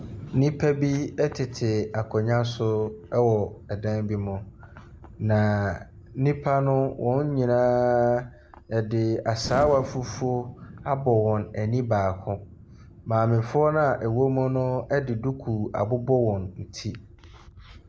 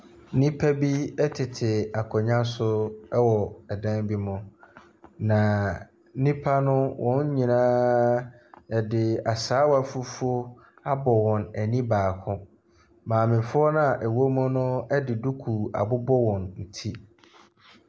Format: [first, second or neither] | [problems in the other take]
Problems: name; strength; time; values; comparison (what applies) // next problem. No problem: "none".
second | background sound (Explosion); 18 dB below the speech